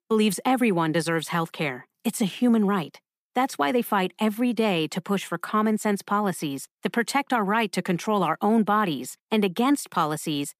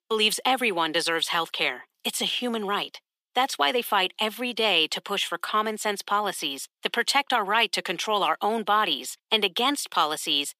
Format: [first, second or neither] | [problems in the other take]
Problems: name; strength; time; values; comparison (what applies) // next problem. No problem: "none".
first | thin; somewhat; fading below 450 Hz